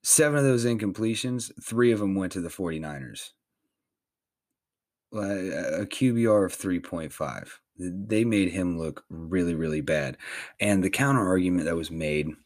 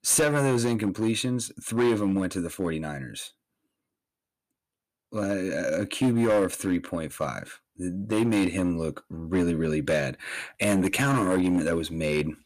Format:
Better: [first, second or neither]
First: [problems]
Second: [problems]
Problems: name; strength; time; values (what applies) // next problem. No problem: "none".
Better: first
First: none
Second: distortion; slight; 6% of the sound clipped